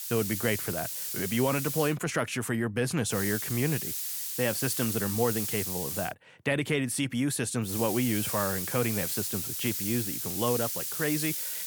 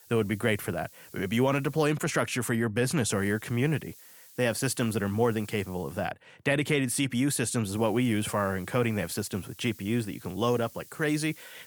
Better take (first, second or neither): second